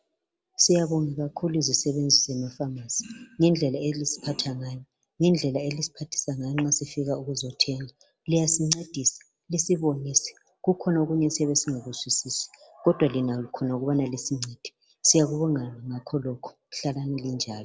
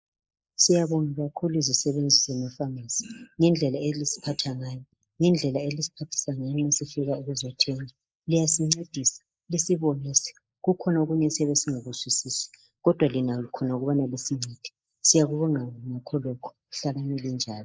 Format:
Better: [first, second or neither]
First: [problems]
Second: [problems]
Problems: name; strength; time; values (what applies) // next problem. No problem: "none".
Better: first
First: none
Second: noise reduction (neural mask model Resemble Enhance denoiser)